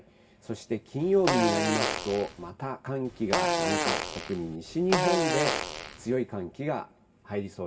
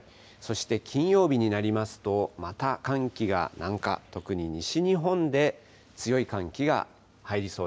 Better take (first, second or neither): second